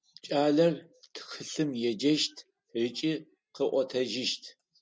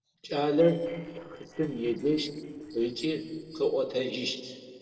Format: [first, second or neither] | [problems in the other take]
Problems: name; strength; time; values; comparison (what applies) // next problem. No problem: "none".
first | noise reduction (neural separator model SepFormer DNS4)